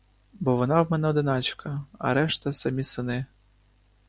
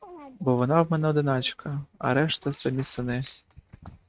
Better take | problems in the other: first | noise reduction (neural mask model RNNoise)

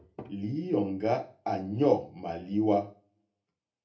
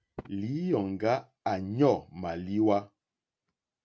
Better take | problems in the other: second | room echo; dies away in 0.3 s

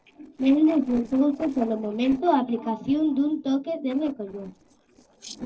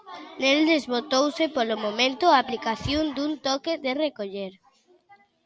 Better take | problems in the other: second | noise reduction (neural separator model SepFormer DNS4)

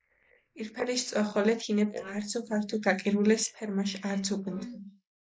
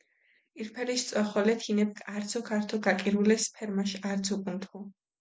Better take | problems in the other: second | noise reduction (neural mask model Resemble Enhance denoiser)

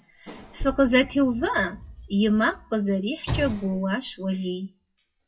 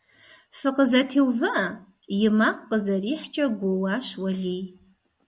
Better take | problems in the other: second | noise reduction (classical method WPE with log-MMSE)

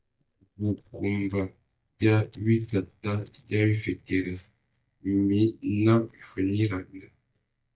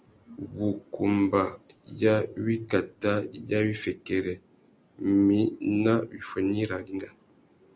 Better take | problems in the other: second | noise reduction (neural mask model DeepFilterNet 3)

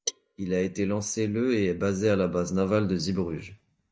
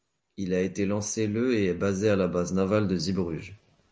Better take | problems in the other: second | noise reduction (neural mask model DeepFilterNet 3)

